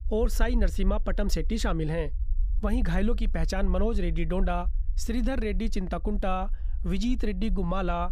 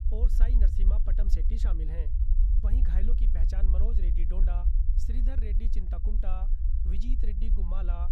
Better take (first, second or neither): first